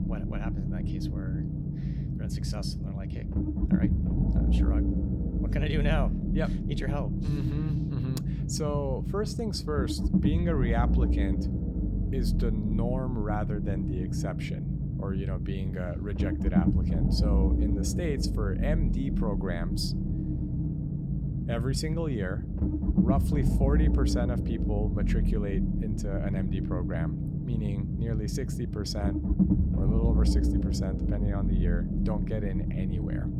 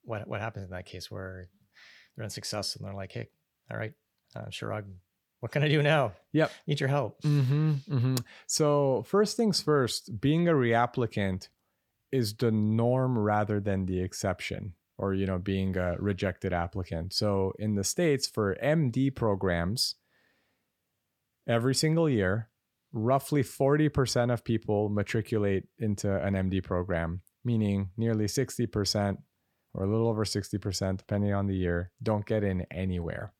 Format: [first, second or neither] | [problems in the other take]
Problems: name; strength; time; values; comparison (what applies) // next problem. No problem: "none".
second | low rumble; loud; throughout; 1 dB below the speech